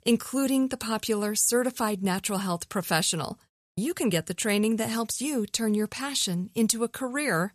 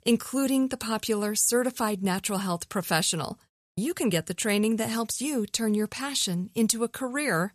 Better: neither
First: none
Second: none

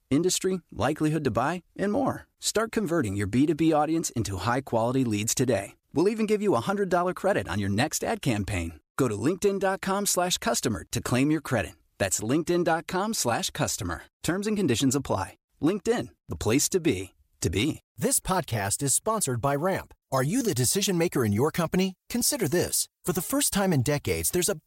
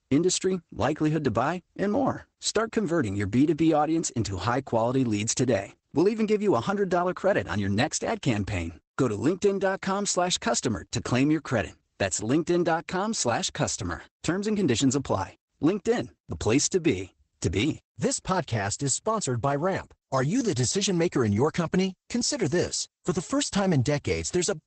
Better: first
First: none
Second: garbled, watery; badly; nothing above 8 kHz

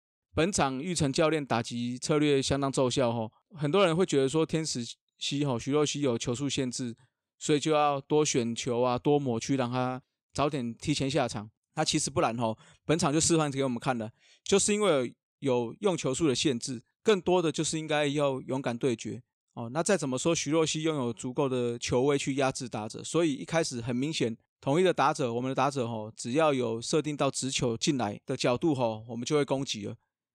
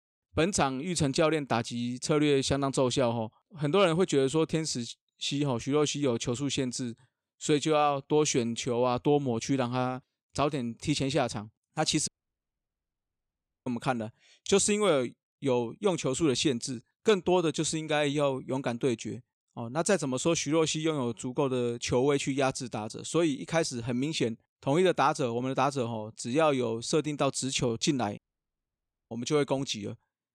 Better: first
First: none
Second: audio cutting out; at 12 s for 1.5 s and at 28 s for 1 s

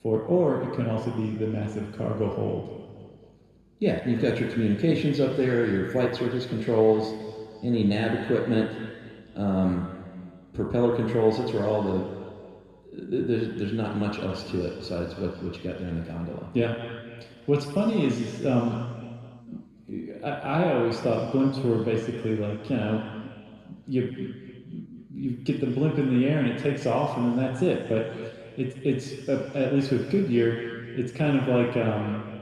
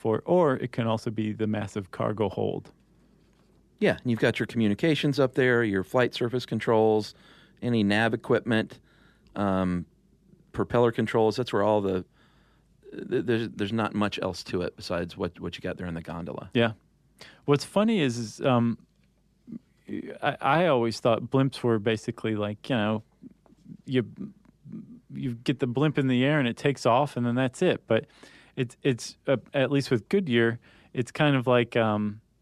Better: second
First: room echo; noticeable; dies away in 1.9 s // off-mic speech; far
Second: none

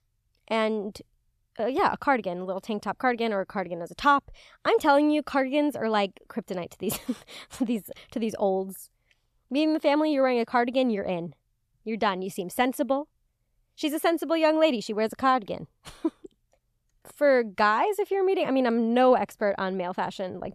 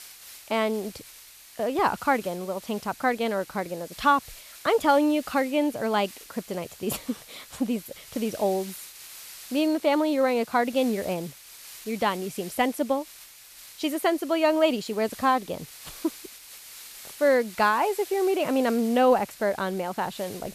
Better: first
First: none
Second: hiss; noticeable; throughout; 15 dB below the speech

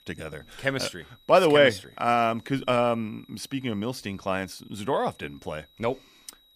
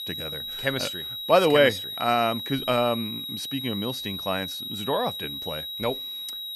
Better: first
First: high-pitched whine; faint; throughout; 4 kHz, 30 dB below the speech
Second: high-pitched whine; loud; throughout; 4 kHz, 6 dB below the speech

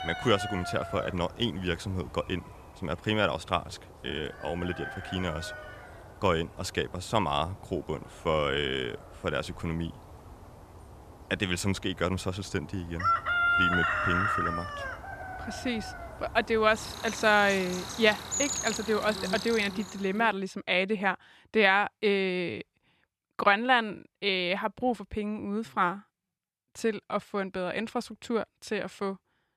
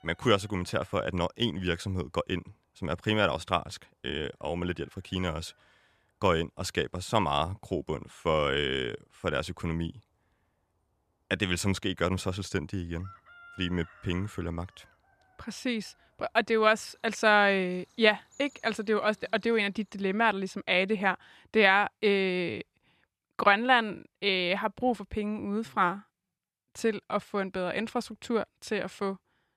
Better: second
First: animal sounds; loud; until 20 s; 3 dB below the speech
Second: animal sounds; faint; until 20 s; 30 dB below the speech

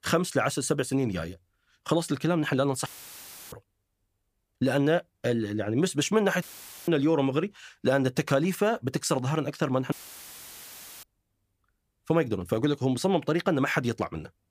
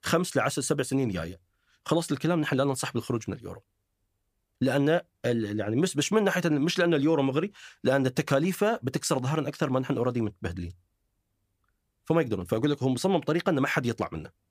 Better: second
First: audio cutting out; filled with static; at 3 s for 0.5 s, at 6.5 s and at 10 s for 1 s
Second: none

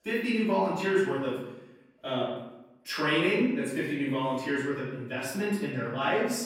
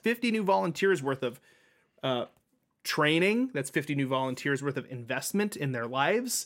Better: second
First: off-mic speech; far // room echo; noticeable; dies away in 0.9 s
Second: none

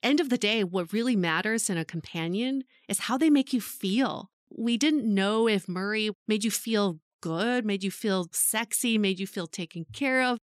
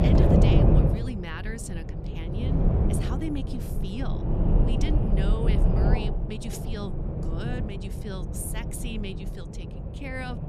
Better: first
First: none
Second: wind noise on the microphone; heavy; 5 dB above the speech

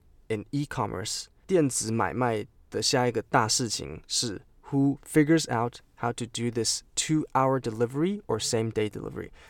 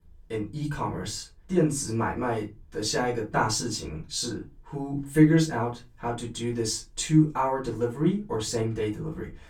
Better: first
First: none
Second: off-mic speech; far // room echo; very slight; dies away in 0.2 s

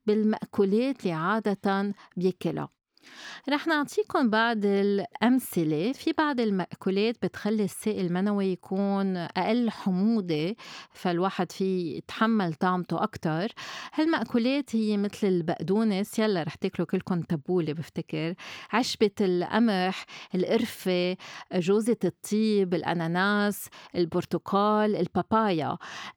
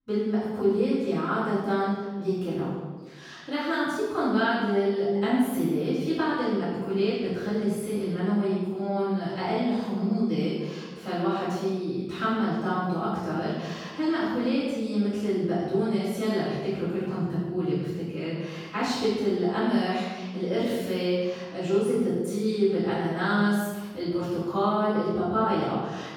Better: first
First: none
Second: room echo; strong; dies away in 1.1 s // off-mic speech; far

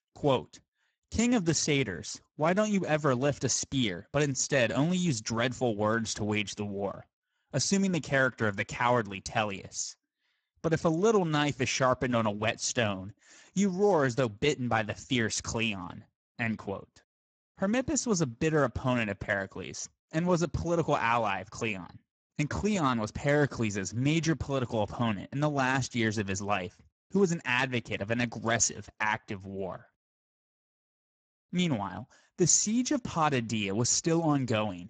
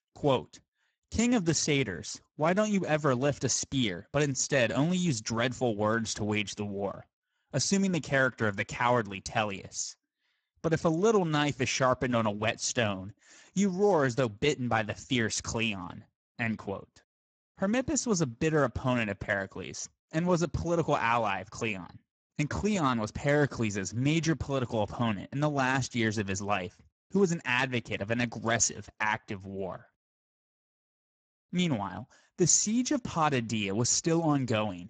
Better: neither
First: garbled, watery; badly; nothing above 7.5 kHz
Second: garbled, watery; badly; nothing above 7.5 kHz

